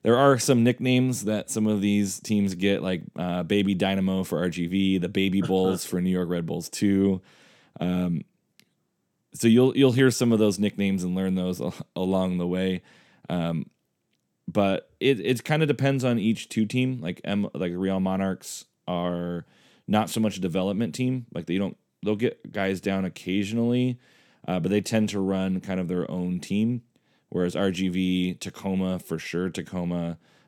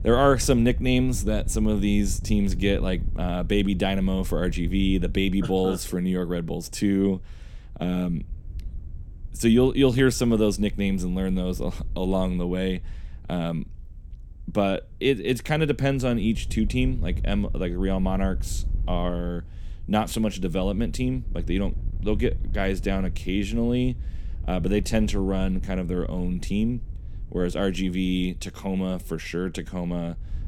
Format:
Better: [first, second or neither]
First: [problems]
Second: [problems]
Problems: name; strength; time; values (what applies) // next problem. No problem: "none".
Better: first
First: none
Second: wind noise on the microphone; occasional gusts; 25 dB below the speech